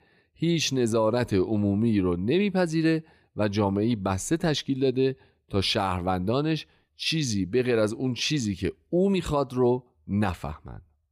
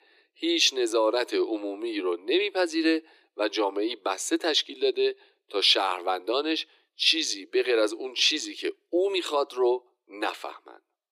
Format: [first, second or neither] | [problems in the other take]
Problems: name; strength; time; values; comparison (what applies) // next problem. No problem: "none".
first | thin; very; fading below 300 Hz